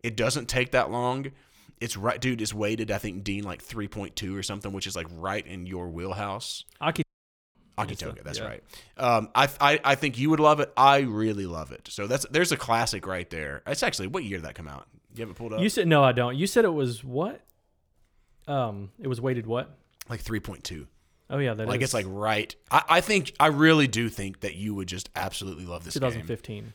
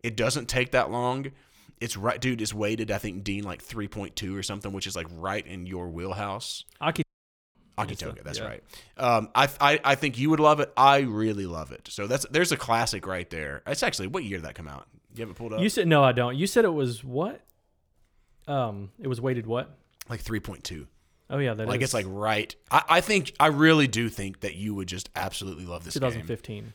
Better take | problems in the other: neither | audio cutting out; at 7 s for 0.5 s; the same in both

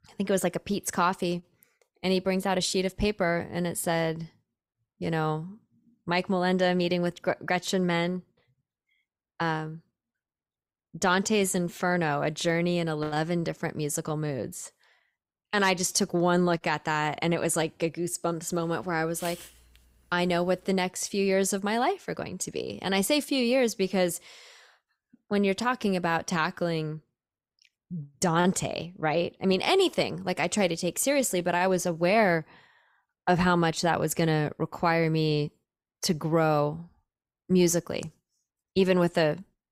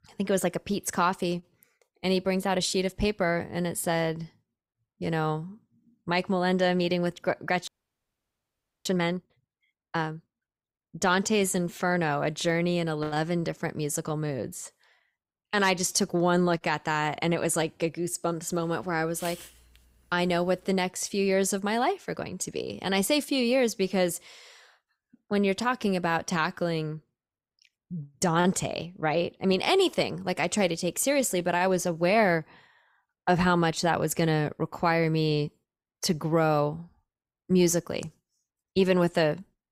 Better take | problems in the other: first | audio freezing; at 7.5 s for 1 s

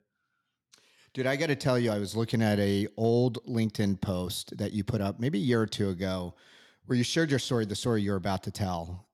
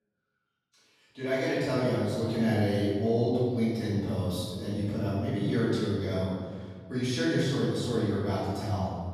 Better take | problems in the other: first | off-mic speech; far // room echo; strong; dies away in 1.7 s

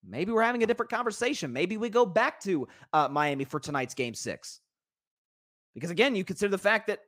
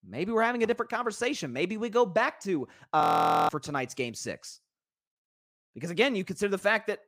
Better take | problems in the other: first | audio freezing; at 3 s

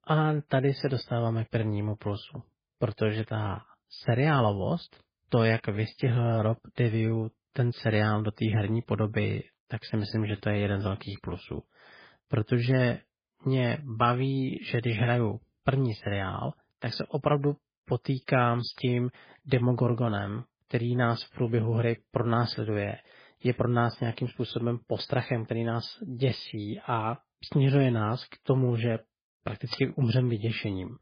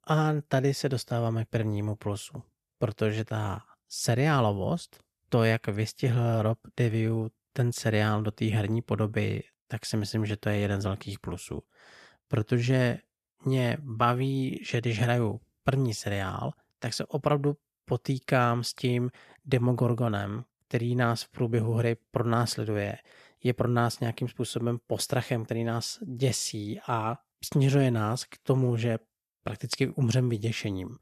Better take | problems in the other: second | garbled, watery; badly; nothing above 5 kHz

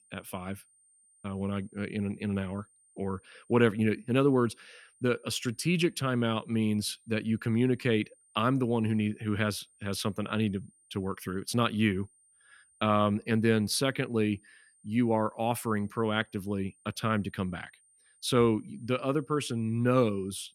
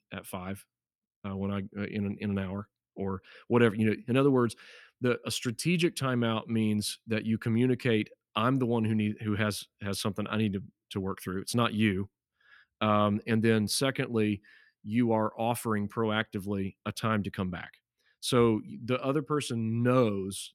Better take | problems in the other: second | high-pitched whine; faint; throughout; 9 kHz, 30 dB below the speech

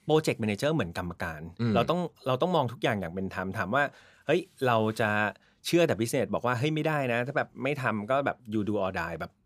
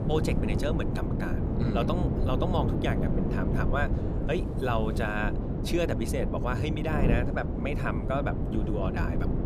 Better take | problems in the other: first | wind noise on the microphone; heavy; 4 dB below the speech

